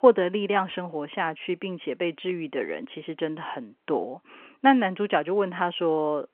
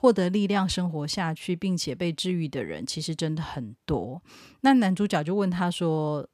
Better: second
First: phone-call audio; nothing above 3 kHz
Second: none

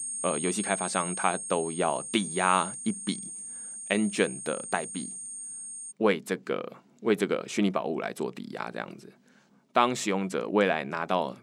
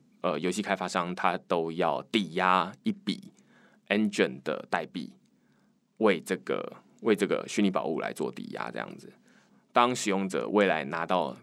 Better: second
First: high-pitched whine; loud; until 6 s; 8.5 kHz, 6 dB below the speech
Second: none

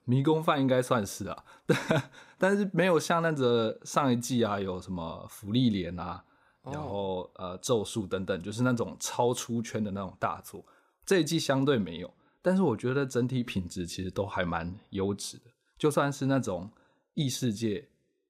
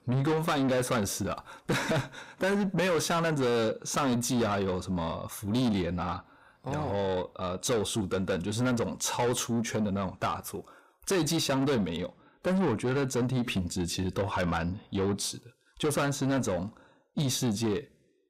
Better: first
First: none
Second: distortion; heavy; 7 dB below the speech

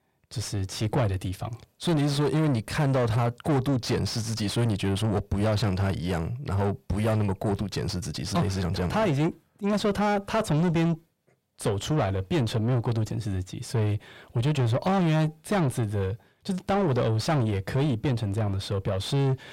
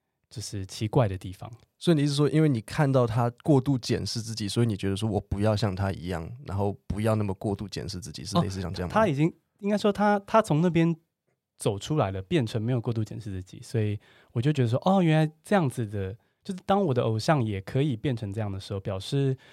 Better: second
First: distortion; heavy; 6 dB below the speech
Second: none

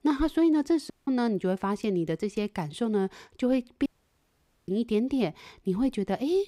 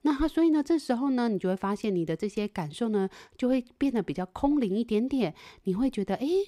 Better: second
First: audio cutting out; at 1 s and at 4 s for 1 s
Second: none

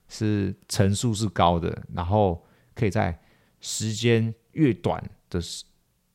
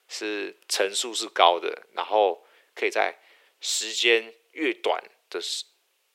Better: first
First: none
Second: thin; very; fading below 350 Hz

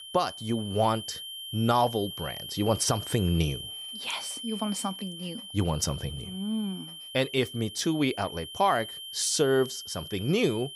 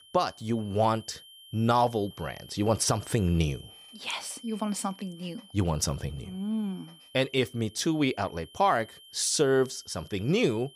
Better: second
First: high-pitched whine; loud; throughout; 3 kHz, 10 dB below the speech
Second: high-pitched whine; faint; throughout; 3 kHz, 20 dB below the speech

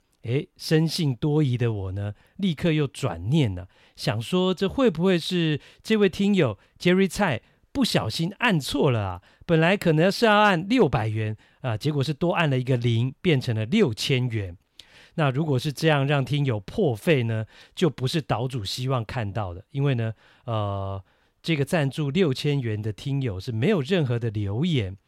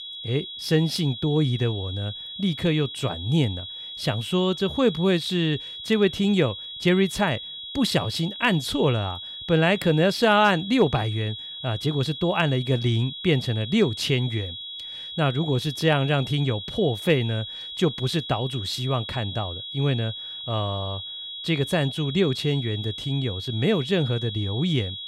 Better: first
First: none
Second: high-pitched whine; loud; throughout; 3.5 kHz, 9 dB below the speech

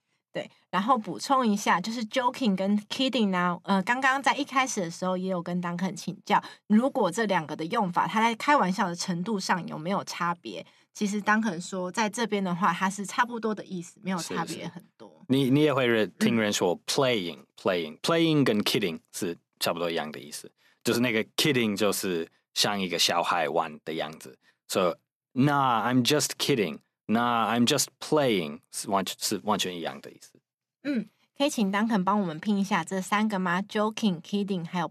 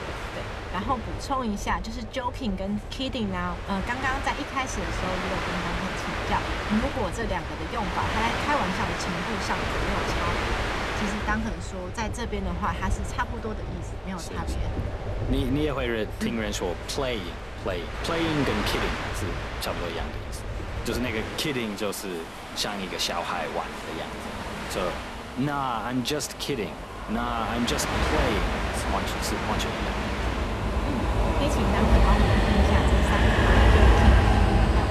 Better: first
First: none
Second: train or aircraft noise; very loud; throughout; 3 dB above the speech

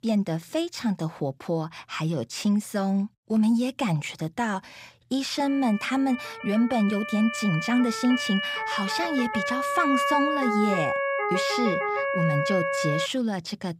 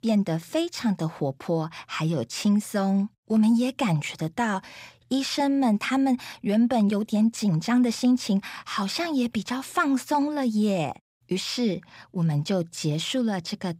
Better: second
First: siren; loud; from 5.5 to 13 s; peak 3 dB above the speech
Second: none

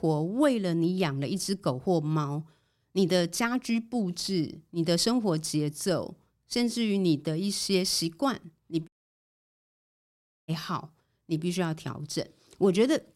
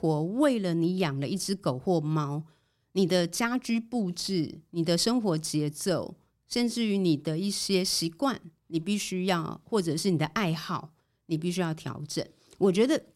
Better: second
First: audio cutting out; at 9 s for 1.5 s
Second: none

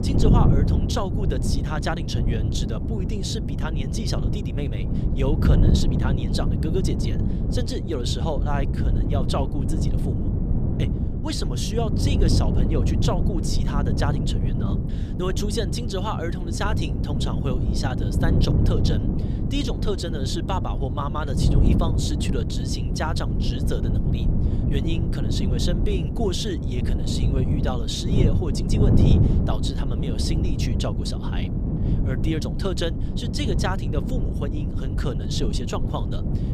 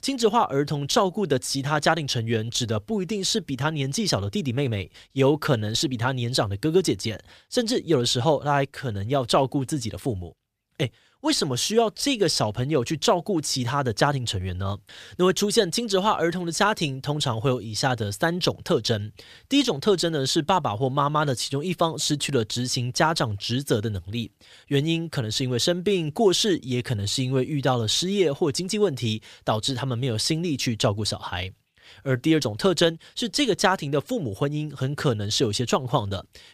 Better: second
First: wind noise on the microphone; heavy; 3 dB below the speech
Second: none

